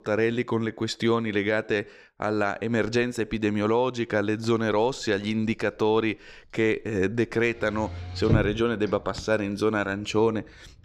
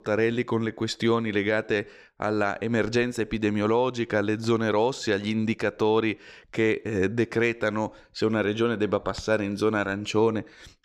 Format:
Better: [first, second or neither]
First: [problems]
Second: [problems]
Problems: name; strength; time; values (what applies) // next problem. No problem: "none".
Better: second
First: traffic noise; loud; from 4.5 s on; 7 dB below the speech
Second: none